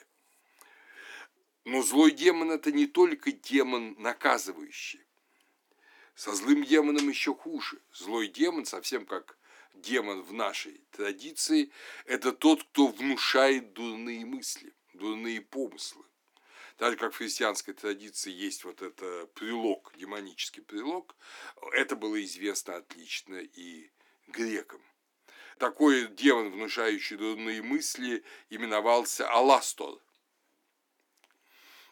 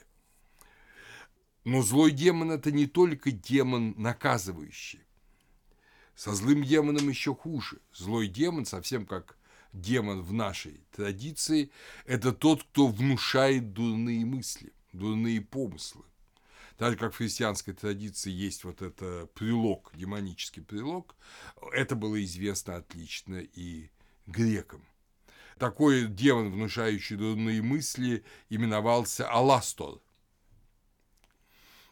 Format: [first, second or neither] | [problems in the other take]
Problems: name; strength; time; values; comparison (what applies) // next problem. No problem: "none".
second | thin; very slightly; fading below 300 Hz